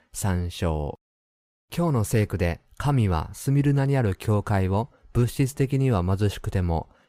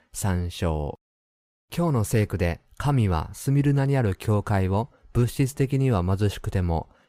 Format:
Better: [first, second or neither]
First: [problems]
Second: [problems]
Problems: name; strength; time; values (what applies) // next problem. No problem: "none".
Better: neither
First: none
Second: none